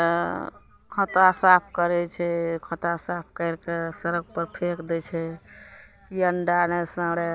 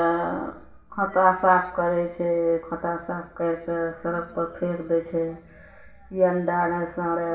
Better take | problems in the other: first | room echo; dies away in 0.8 s

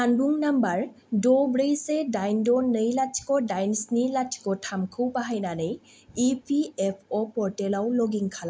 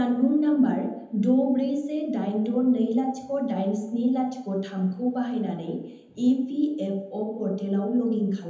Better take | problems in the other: first | room echo; dies away in 0.9 s

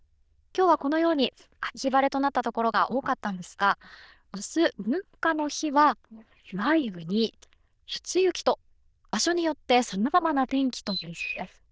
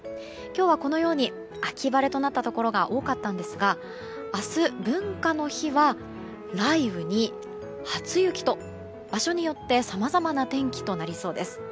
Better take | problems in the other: second | noise reduction (neural diffusion model UNIVERSE++)

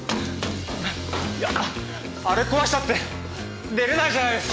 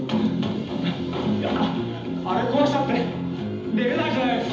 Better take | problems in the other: first | room echo; dies away in 0.8 s

